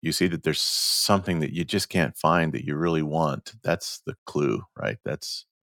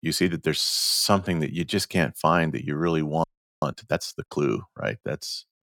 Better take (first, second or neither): first